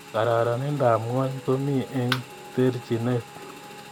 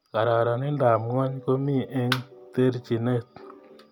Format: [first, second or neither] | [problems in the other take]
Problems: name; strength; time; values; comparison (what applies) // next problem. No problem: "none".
second | background sound (Motorcycle / Engine); 18 dB below the speech